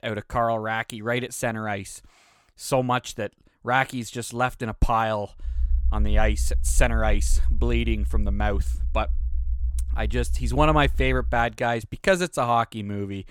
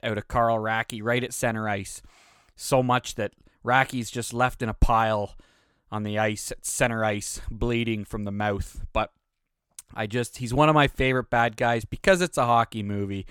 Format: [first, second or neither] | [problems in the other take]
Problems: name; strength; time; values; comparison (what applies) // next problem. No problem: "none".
second | low rumble; faint; from 5.5 to 11 s; 25 dB below the speech